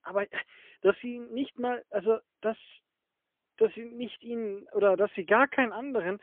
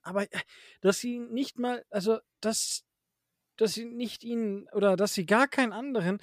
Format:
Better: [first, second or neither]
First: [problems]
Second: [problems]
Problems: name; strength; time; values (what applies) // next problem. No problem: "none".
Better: second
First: phone-call audio; poor line; nothing above 3.5 kHz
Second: none